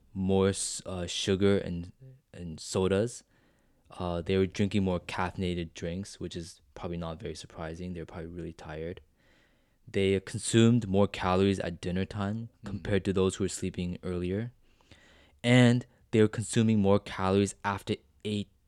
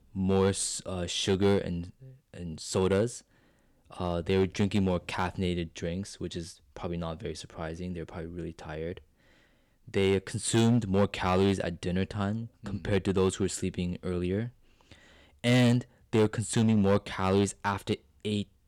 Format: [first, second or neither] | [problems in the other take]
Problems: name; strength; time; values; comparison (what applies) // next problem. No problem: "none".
first | distortion; slight; 3% of the sound clipped